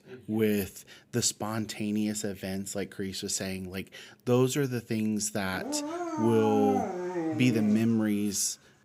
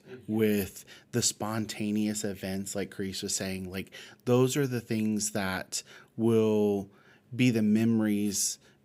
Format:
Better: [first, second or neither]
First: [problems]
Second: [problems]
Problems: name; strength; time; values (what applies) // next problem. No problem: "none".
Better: second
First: dog barking; noticeable; from 5.5 to 8 s; peak level with the speech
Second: none